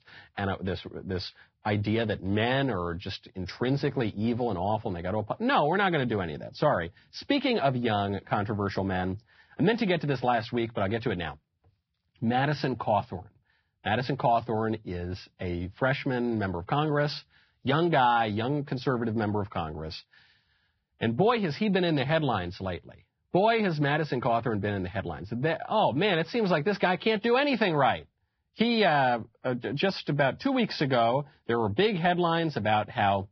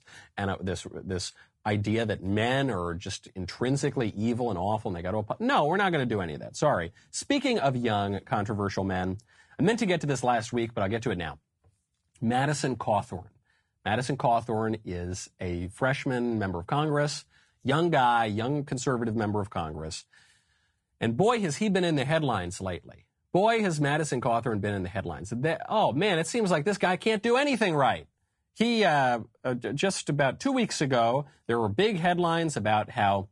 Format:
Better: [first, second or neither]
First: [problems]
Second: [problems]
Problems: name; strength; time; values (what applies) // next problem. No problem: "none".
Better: second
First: garbled, watery; badly; nothing above 5.5 kHz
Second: garbled, watery; slightly; nothing above 10 kHz